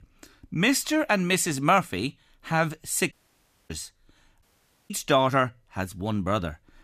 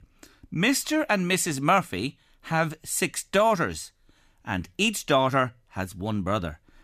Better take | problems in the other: second | audio cutting out; at 3 s for 0.5 s and at 4.5 s

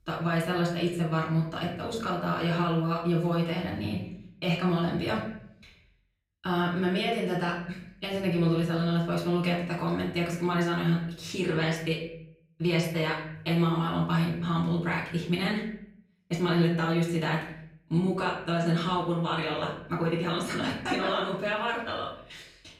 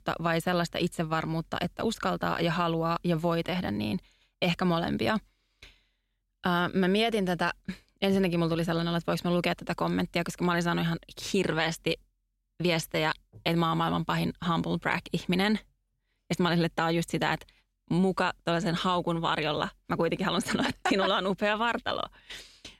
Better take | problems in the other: second | off-mic speech; far // room echo; noticeable; dies away in 0.7 s

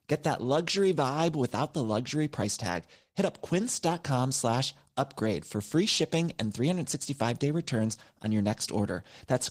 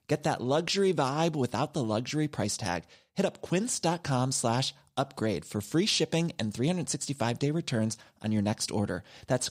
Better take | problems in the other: second | garbled, watery; slightly; nothing above 15.5 kHz

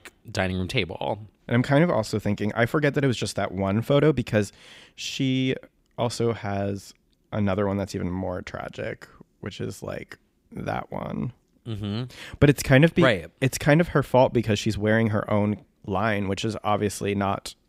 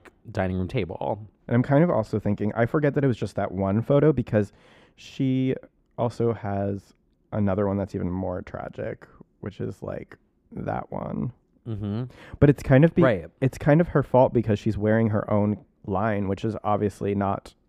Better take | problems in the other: first | muffled; slightly; fading above 2 kHz

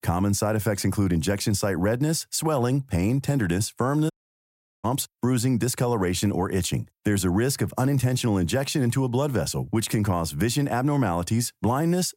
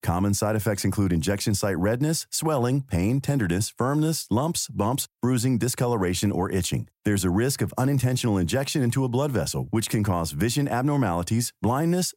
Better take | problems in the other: second | audio cutting out; at 4 s for 0.5 s

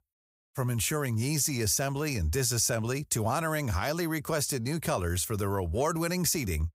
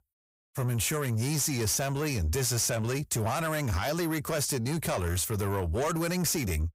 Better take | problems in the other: first | distortion; slight; 10 dB below the speech

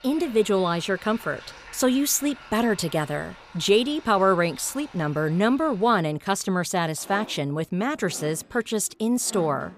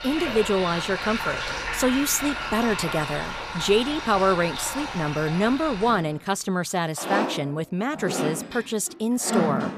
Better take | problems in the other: first | household noises; loud; throughout; 5 dB below the speech; faint in the first

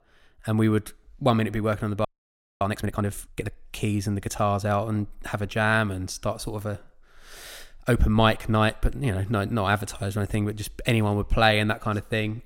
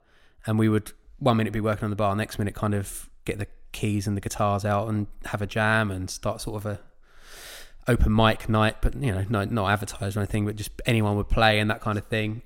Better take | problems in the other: second | audio freezing; at 2 s for 0.5 s

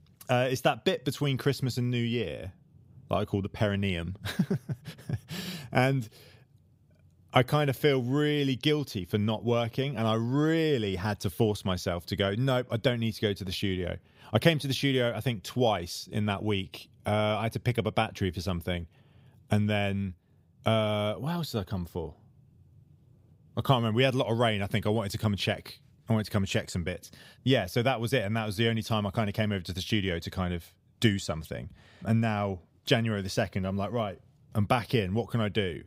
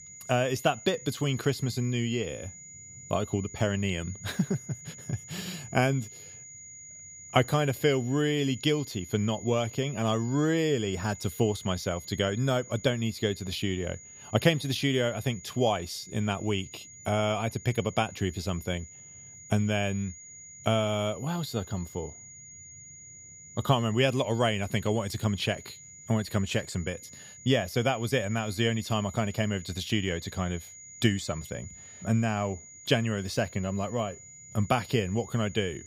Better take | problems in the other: first | high-pitched whine; noticeable; throughout; 7 kHz, 15 dB below the speech

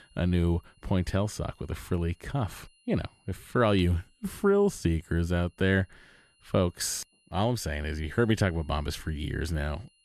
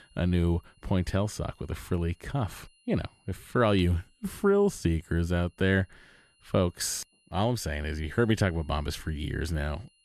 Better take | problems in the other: neither | high-pitched whine; faint; throughout; 3 kHz, 35 dB below the speech; the same in both

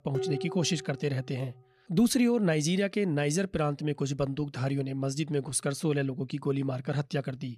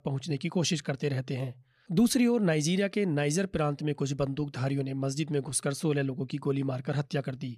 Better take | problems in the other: second | clattering dishes; noticeable; at the start; peak 5 dB below the speech

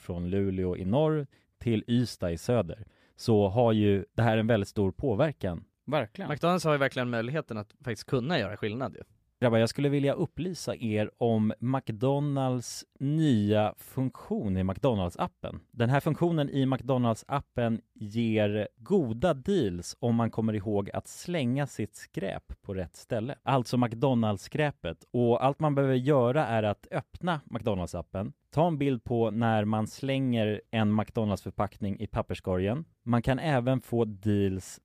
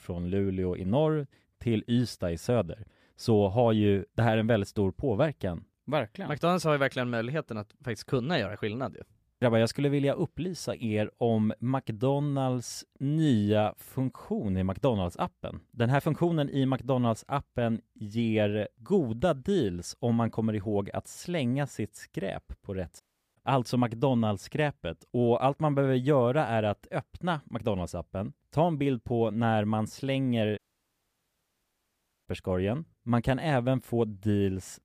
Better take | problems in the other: first | audio cutting out; at 23 s and at 31 s for 1.5 s

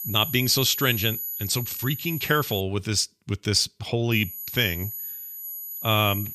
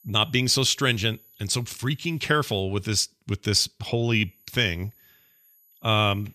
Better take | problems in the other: second | high-pitched whine; loud; until 2.5 s and from 4 s on; 12 kHz, 7 dB below the speech; faint in the second

